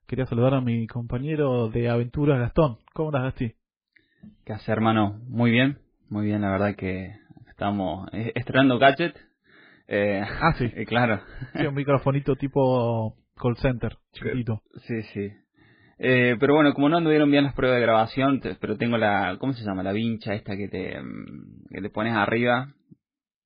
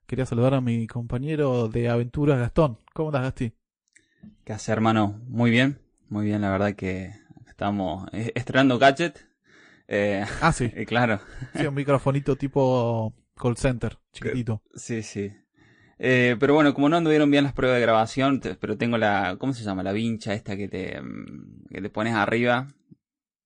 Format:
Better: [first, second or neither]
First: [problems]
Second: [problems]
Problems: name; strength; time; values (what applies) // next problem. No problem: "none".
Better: second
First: garbled, watery; badly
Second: garbled, watery; slightly; nothing above 9.5 kHz